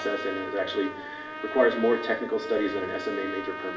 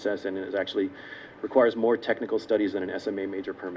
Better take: second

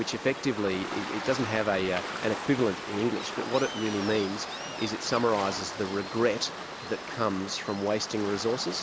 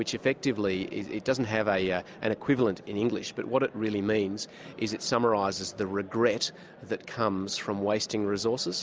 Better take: second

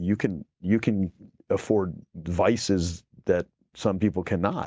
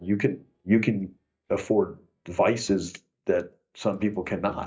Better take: first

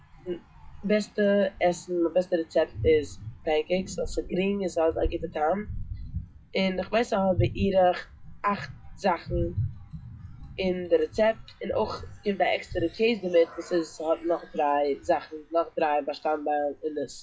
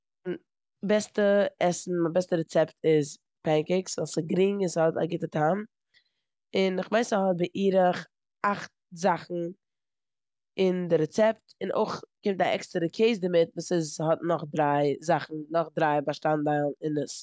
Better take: second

